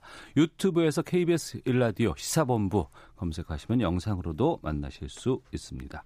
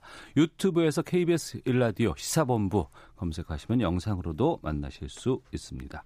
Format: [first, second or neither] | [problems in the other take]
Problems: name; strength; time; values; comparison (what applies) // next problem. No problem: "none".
neither | none